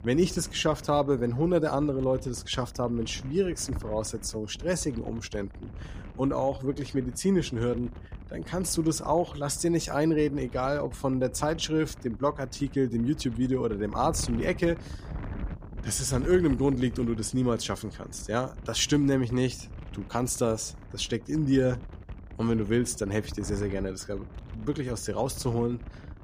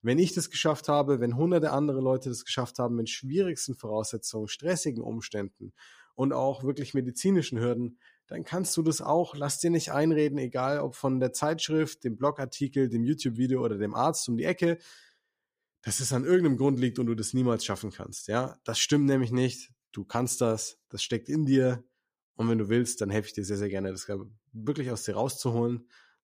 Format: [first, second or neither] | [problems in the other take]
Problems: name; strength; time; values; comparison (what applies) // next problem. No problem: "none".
second | wind noise on the microphone; occasional gusts; 20 dB below the speech